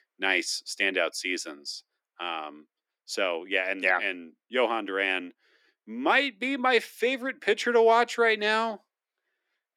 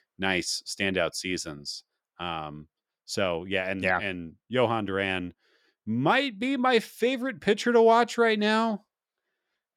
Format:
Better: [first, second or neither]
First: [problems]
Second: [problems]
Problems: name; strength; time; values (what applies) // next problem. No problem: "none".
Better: second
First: thin; very slightly; fading below 250 Hz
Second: none